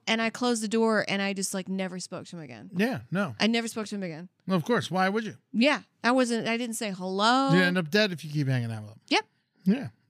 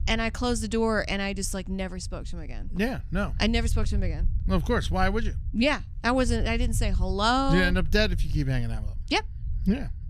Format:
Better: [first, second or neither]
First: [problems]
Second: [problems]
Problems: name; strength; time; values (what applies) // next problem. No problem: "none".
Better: first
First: none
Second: low rumble; faint; throughout; 25 dB below the speech